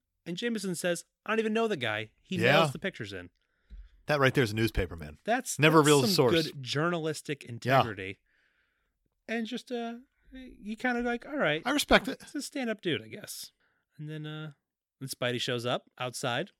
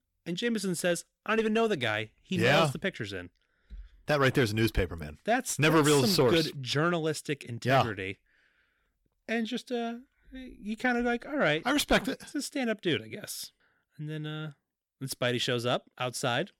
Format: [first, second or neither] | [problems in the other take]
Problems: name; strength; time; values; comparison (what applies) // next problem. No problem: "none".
first | distortion; slight; 10 dB below the speech